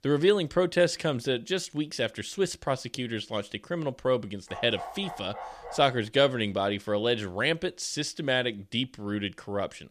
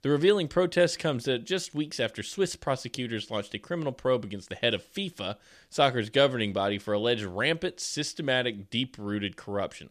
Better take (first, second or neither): second